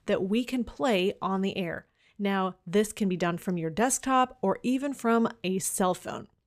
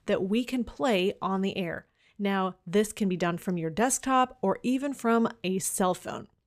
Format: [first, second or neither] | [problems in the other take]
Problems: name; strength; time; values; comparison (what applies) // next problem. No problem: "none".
neither | none